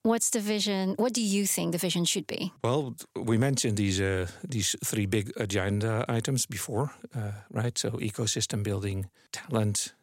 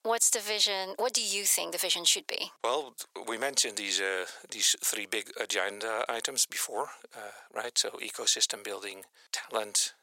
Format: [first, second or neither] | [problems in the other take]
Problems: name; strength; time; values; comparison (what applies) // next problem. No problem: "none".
first | thin; very; fading below 550 Hz